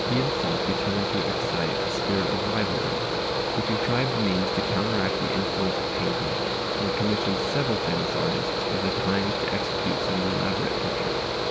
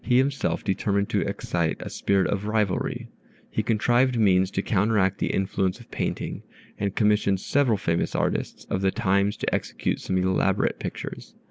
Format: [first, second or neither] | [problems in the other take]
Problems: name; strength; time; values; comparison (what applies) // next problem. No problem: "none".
second | background sound (Mechanical fan); 3 dB above the speech